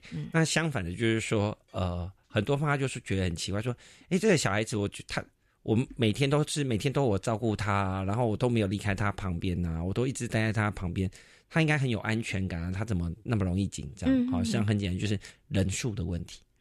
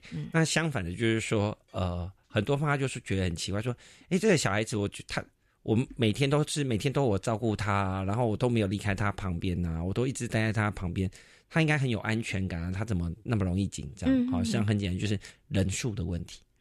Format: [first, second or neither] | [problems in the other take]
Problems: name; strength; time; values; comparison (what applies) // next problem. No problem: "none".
neither | none